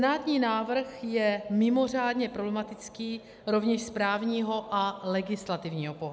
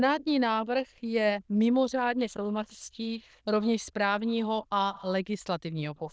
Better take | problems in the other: first | noise reduction (neural diffusion model UNIVERSE++)

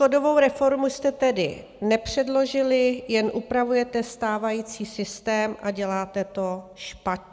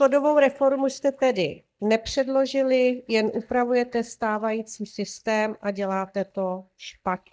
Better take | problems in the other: first | noise reduction (neural mask model DeepFilterNet 3)

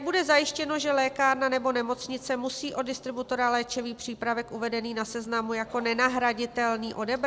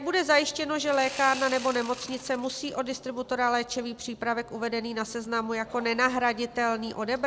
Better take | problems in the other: first | background sound (Sawing); 13 dB below the speech

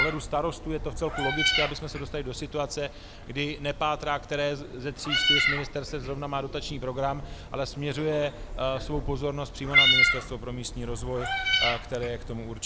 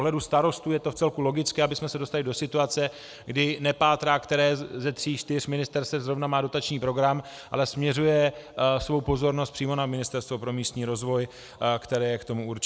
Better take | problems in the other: second | background sound (Meow); 2 dB above the speech

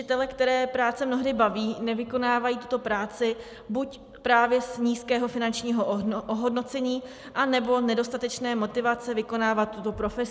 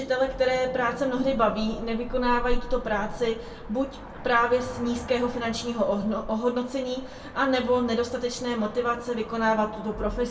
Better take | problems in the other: first | background sound (Cricket / Motor vehicle (road)); 10 dB below the speech // room echo; dies away in 0.2 s

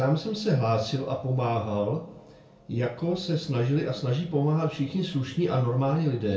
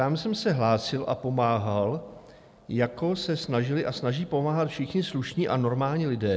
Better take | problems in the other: second | room echo; dies away in 0.3 s

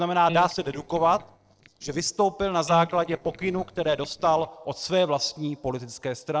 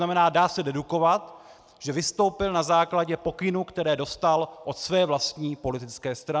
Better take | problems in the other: second | noise reduction (neural separator model SepFormer DNS4)

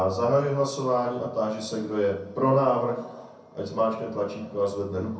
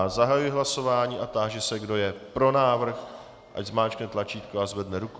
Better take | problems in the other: second | room echo; dies away in 0.6 s

